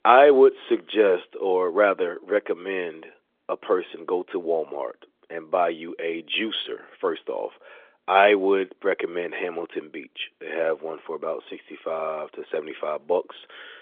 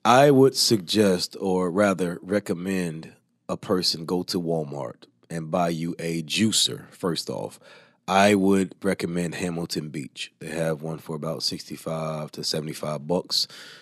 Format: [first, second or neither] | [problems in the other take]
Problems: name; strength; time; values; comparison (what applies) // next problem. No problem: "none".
second | phone-call audio; nothing above 3.5 kHz